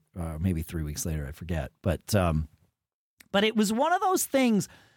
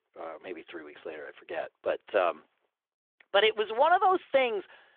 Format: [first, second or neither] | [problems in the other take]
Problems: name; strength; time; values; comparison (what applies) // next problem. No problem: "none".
first | phone-call audio; nothing above 3.5 kHz